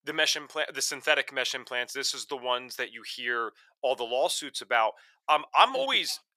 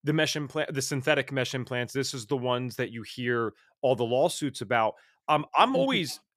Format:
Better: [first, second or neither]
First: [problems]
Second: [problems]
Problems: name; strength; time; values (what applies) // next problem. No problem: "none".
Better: second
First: thin; very; fading below 700 Hz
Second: none